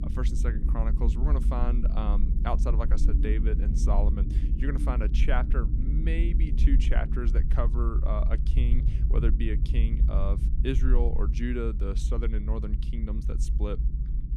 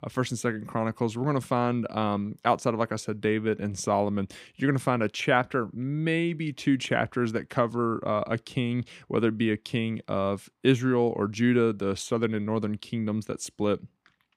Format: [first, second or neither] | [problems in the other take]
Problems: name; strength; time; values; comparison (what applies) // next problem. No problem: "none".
second | low rumble; loud; throughout; 8 dB below the speech